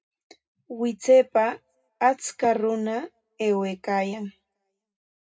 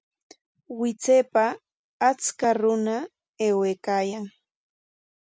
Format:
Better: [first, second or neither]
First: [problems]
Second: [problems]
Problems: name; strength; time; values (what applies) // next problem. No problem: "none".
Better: second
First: room echo; dies away in 0.2 s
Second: none